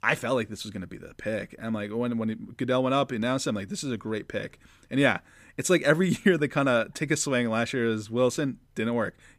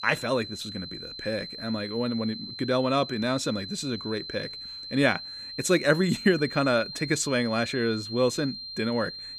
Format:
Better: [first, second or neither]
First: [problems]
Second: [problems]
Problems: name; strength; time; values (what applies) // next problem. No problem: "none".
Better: first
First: none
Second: high-pitched whine; loud; throughout; 4 kHz, 9 dB below the speech